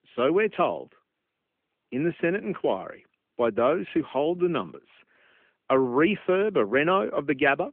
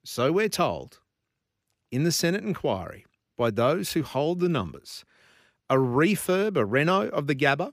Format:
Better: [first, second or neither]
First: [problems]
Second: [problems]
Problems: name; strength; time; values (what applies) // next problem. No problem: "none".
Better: second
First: phone-call audio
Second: none